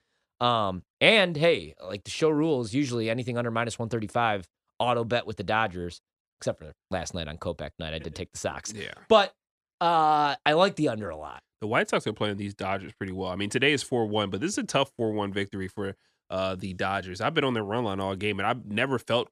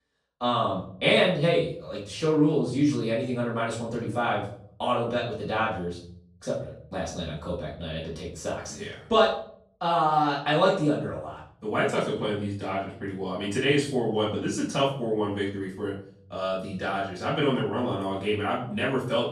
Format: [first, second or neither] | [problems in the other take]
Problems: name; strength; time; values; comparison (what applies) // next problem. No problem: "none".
first | off-mic speech; far // room echo; noticeable; dies away in 0.6 s